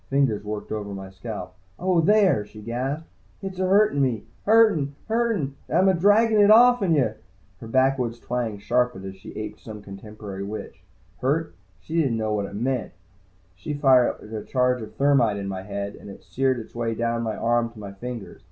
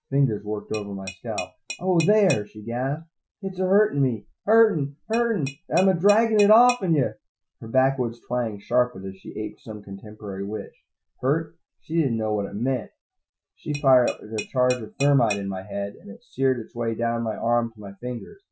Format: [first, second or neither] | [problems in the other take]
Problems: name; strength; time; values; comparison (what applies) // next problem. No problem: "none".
first | noise reduction (classical method Wiener filter)